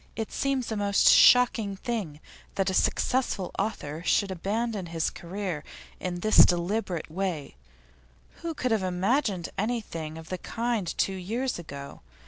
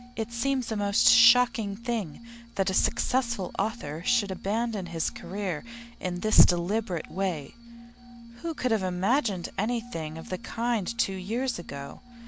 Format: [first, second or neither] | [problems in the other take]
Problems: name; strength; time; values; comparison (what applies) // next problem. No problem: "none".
first | background sound (Glass); 18 dB below the speech